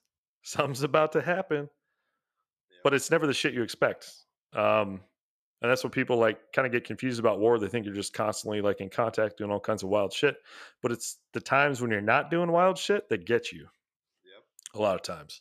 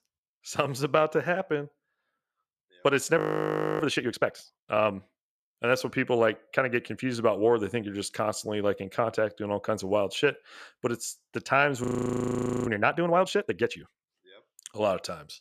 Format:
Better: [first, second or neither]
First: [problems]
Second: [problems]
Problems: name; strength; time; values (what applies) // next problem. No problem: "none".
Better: first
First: none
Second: audio freezing; at 3 s for 0.5 s and at 12 s for 1 s